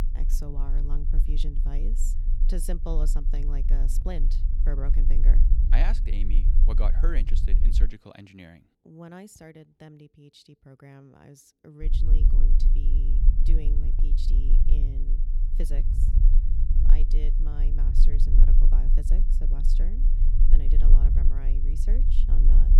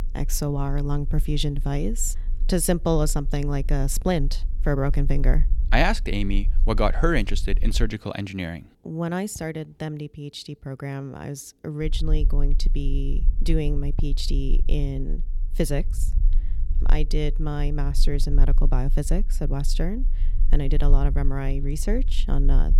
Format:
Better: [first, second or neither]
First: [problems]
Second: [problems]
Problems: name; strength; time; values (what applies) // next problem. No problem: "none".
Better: second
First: low rumble; loud; until 8 s and from 12 s on; 4 dB below the speech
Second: low rumble; faint; until 8 s and from 12 s on; 20 dB below the speech